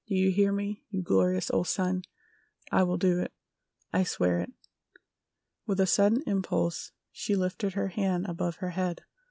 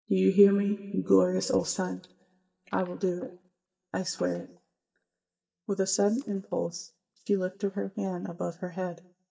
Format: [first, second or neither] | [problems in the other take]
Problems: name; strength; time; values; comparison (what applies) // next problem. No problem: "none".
first | noise reduction (neural mask model DeepFilterNet 3)